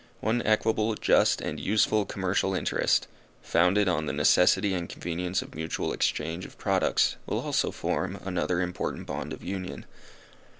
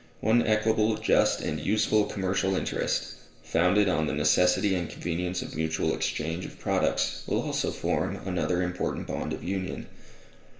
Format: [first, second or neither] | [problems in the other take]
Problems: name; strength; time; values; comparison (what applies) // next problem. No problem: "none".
first | room echo; dies away in 0.7 s